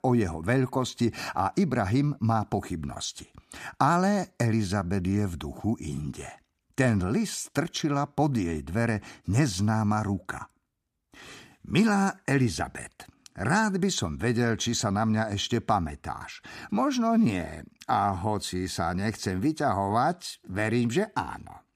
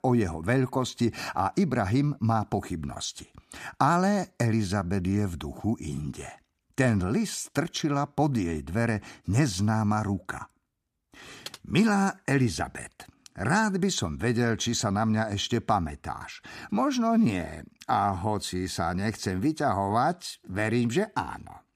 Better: first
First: none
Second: keyboard typing; faint; at 11 s; peak 15 dB below the speech

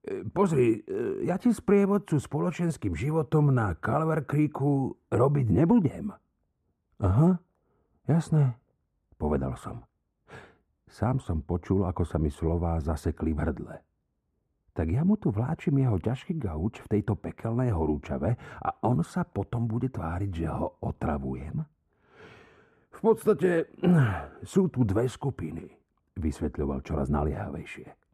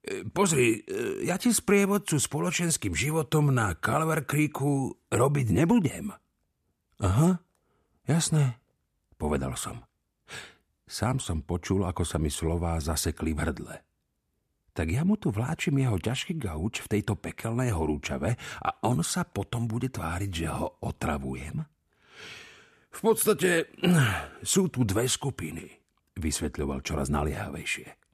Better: second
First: muffled; very; fading above 2 kHz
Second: none

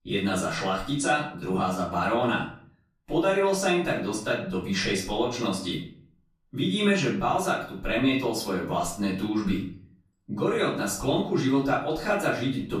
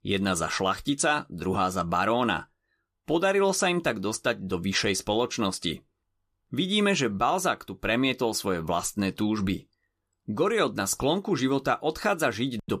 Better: second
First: room echo; noticeable; dies away in 0.4 s // off-mic speech; far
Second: none

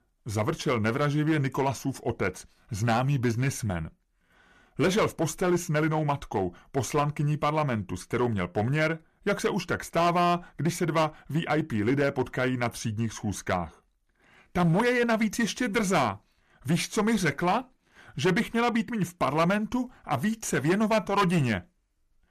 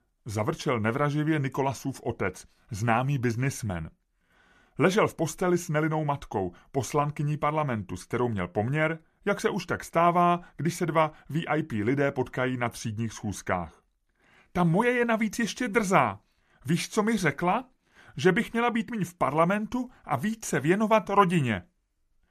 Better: second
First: distortion; slight; 5% of the sound clipped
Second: none

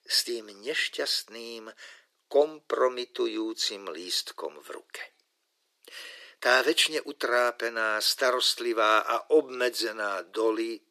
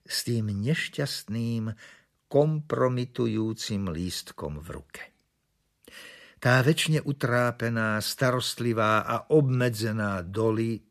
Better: second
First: thin; very; fading below 350 Hz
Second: none

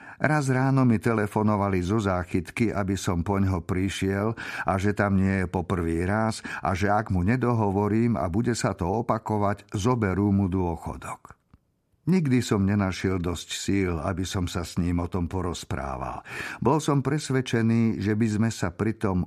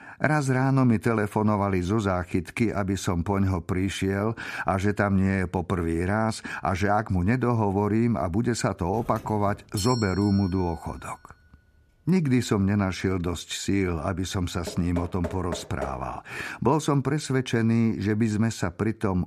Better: first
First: none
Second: doorbell; noticeable; from 9 to 11 s; peak 7 dB below the speech // door banging; faint; from 15 to 16 s; peak 10 dB below the speech

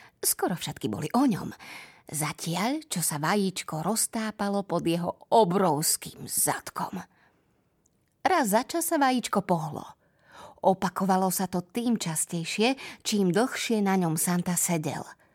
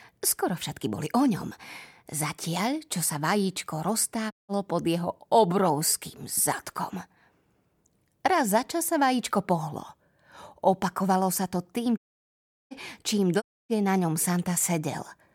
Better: first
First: none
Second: audio cutting out; at 4.5 s, at 12 s for 0.5 s and at 13 s

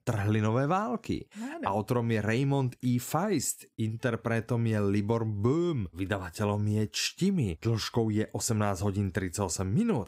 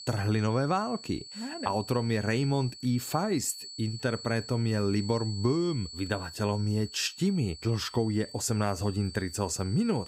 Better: first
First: none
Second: high-pitched whine; noticeable; throughout; 4.5 kHz, 15 dB below the speech

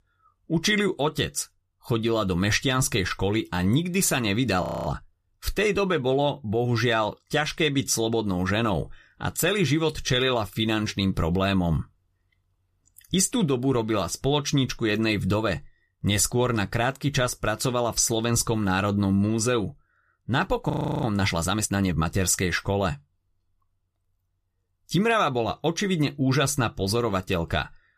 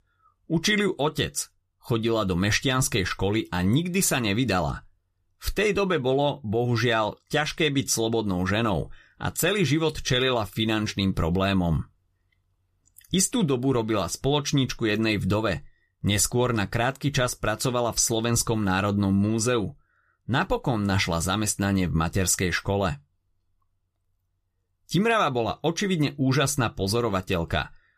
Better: second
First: audio freezing; at 4.5 s and at 21 s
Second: none

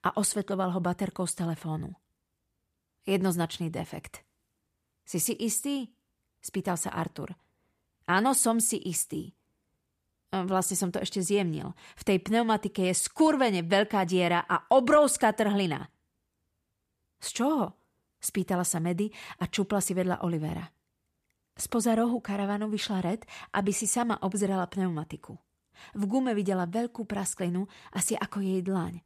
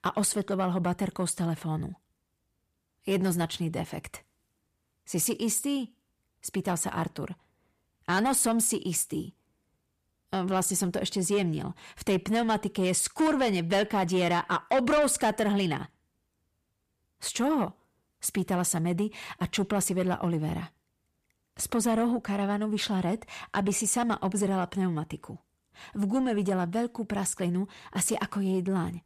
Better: first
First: none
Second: distortion; slight; 10 dB below the speech

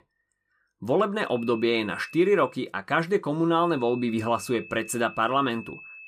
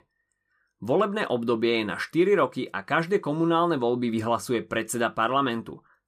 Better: second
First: high-pitched whine; noticeable; from 1.5 to 2.5 s and from 3.5 s on; 2.5 kHz, 20 dB below the speech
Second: none

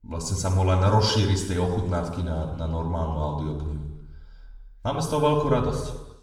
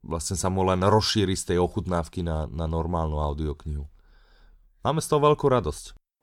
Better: second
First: room echo; noticeable; dies away in 1 s // off-mic speech; far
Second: none

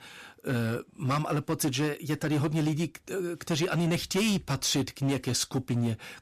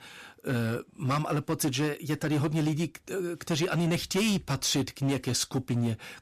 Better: neither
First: distortion; slight; 11% of the sound clipped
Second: distortion; slight; 11% of the sound clipped

